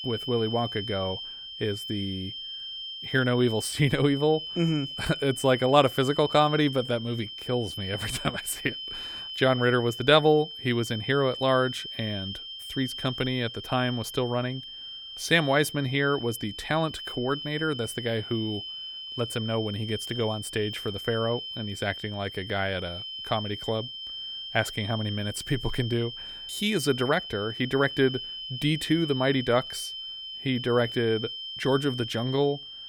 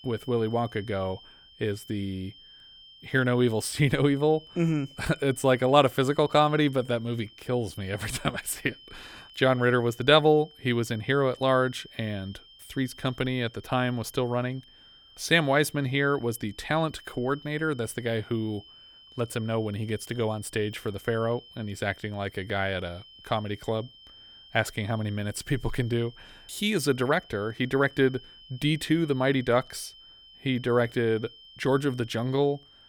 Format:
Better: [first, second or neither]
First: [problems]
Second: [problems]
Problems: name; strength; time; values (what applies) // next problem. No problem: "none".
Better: second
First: high-pitched whine; loud; throughout; 3 kHz, 8 dB below the speech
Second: high-pitched whine; faint; throughout; 3 kHz, 20 dB below the speech